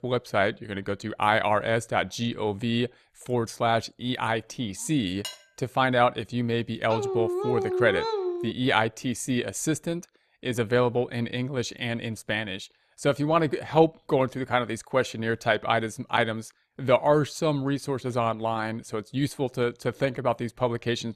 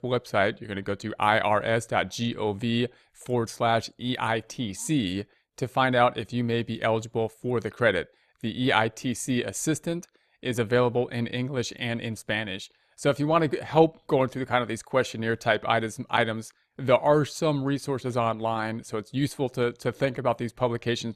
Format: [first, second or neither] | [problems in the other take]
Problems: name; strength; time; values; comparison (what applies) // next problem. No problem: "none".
second | clattering dishes; faint; at 5 s; peak 10 dB below the speech // dog barking; noticeable; from 7 to 8.5 s; peak 1 dB below the speech